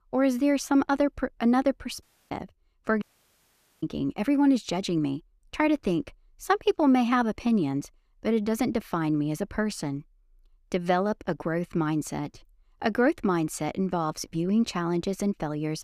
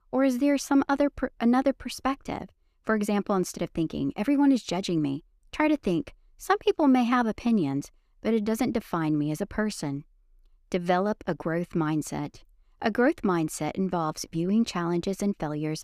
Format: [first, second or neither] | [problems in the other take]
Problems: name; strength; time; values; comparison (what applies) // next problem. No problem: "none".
second | audio cutting out; at 2 s and at 3 s for 1 s